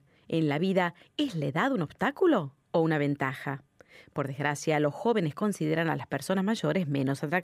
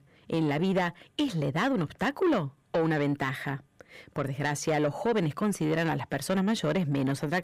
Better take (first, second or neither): first